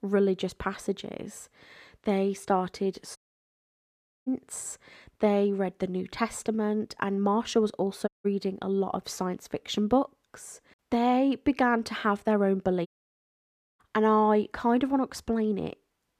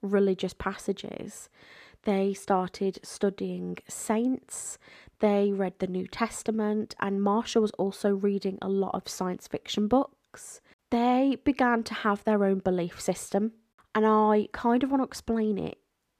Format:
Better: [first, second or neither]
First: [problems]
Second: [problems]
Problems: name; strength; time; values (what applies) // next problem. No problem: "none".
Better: second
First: audio cutting out; at 3 s for 1 s, at 8 s and at 13 s for 1 s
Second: none